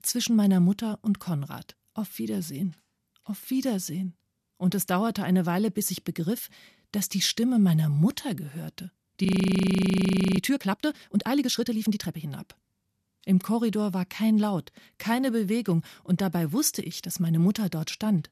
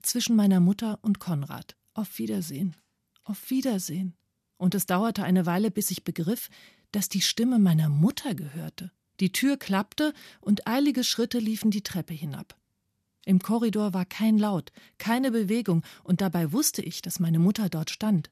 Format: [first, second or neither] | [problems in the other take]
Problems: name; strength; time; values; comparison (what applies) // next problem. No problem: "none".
second | audio freezing; at 9.5 s for 1 s